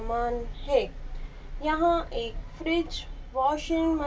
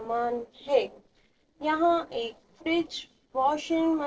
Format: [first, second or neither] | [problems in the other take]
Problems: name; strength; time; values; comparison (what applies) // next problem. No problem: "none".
first | noise reduction (neural separator model SepFormer DNS4)